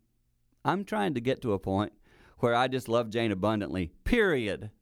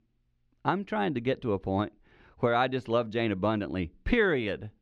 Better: first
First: none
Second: muffled; very slightly; fading above 3 kHz

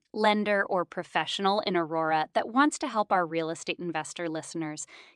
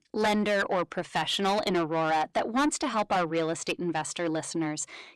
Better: first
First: none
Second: distortion; heavy; 8 dB below the speech

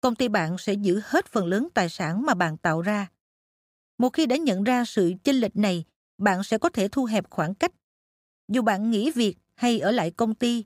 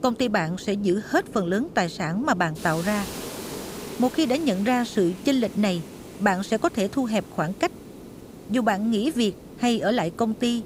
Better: first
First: none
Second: hiss; noticeable; throughout; 15 dB below the speech

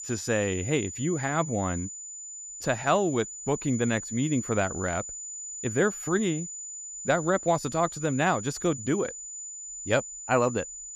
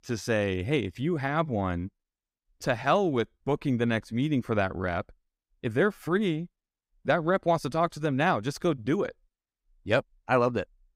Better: second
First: high-pitched whine; loud; throughout; 7 kHz, 9 dB below the speech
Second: none

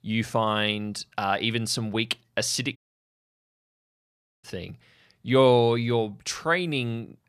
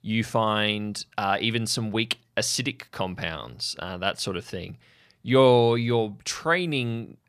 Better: second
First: audio cutting out; at 3 s for 1.5 s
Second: none

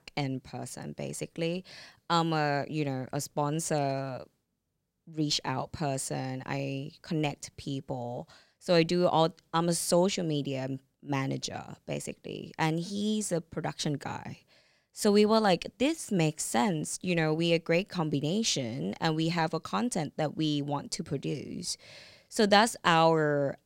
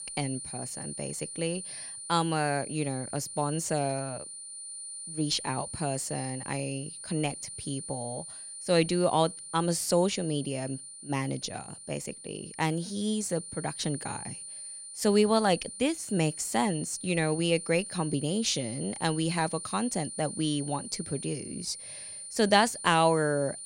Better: first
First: none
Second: high-pitched whine; loud; throughout; 9.5 kHz, 9 dB below the speech

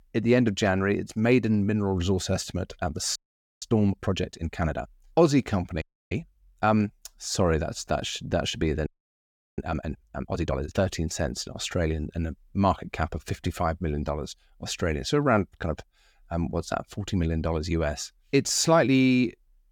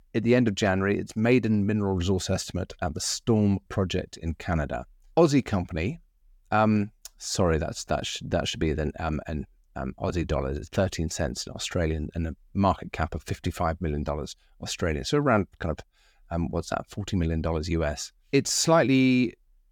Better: second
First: audio freezing; at 3 s, at 6 s and at 9 s for 0.5 s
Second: none

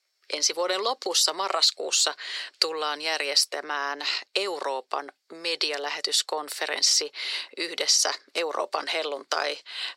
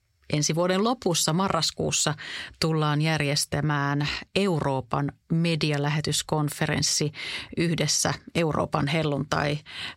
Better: second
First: thin; very; fading below 400 Hz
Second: none

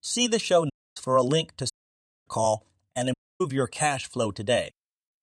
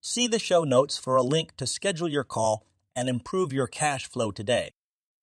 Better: second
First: audio cutting out; at 0.5 s, at 1.5 s for 0.5 s and at 3 s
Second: none

